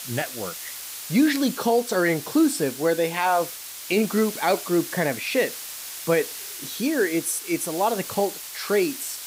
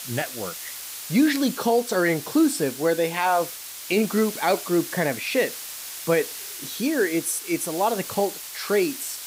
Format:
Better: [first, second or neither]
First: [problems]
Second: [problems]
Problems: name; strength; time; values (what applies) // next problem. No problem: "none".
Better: neither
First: hiss; loud; throughout; 10 dB below the speech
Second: hiss; loud; throughout; 10 dB below the speech